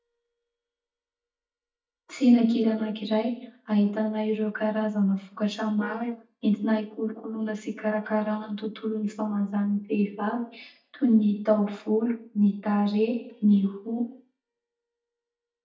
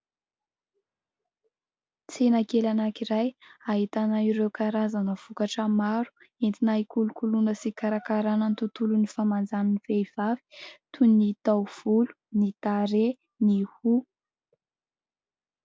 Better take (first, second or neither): second